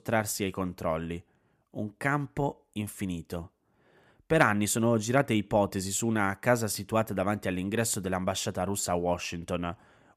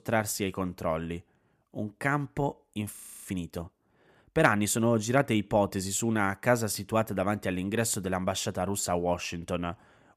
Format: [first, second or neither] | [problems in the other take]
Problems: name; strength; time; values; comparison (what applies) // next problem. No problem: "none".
first | audio freezing; at 3 s